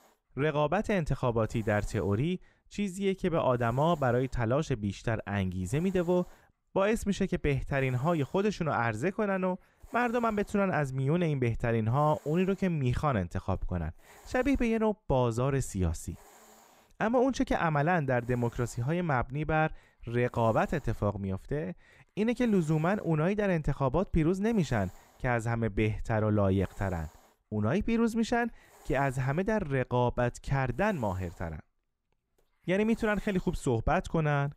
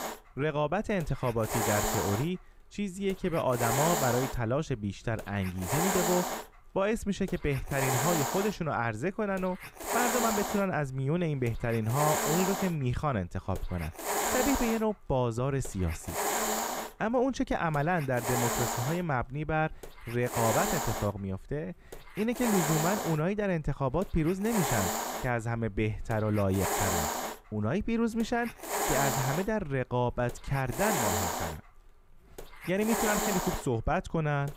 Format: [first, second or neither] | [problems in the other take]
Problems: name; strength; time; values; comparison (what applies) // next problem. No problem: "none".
first | hiss; loud; throughout; 1 dB below the speech; faint in the first